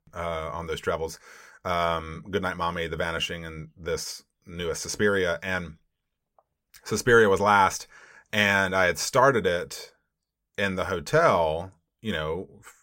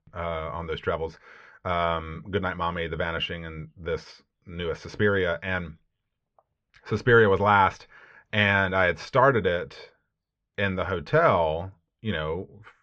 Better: first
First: none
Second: muffled; slightly; fading above 3.5 kHz

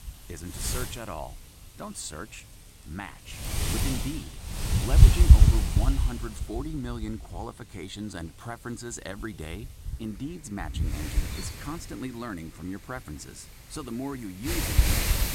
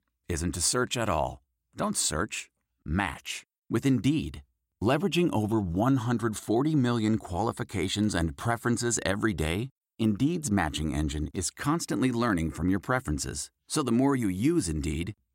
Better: second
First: wind noise on the microphone; heavy; 4 dB above the speech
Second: none

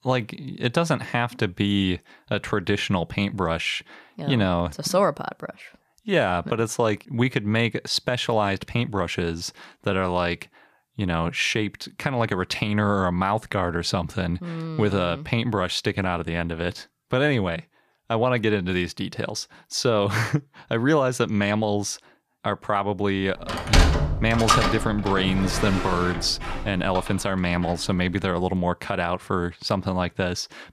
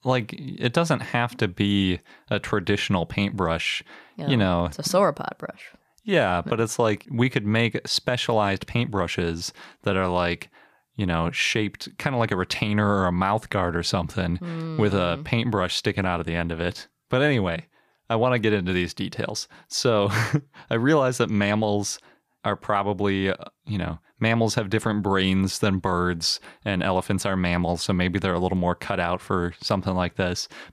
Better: second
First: door banging; loud; from 23 to 27 s; peak 5 dB above the speech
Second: none

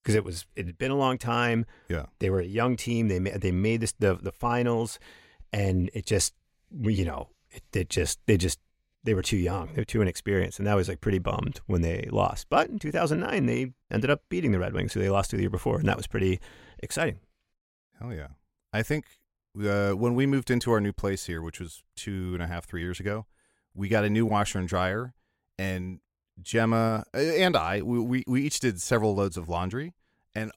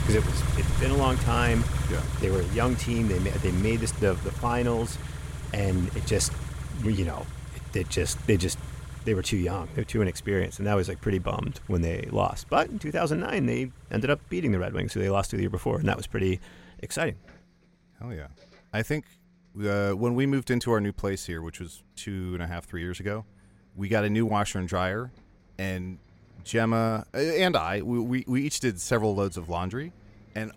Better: first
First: none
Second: traffic noise; loud; throughout; 5 dB below the speech

